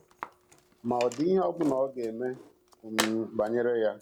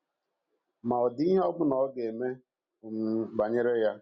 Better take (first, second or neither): second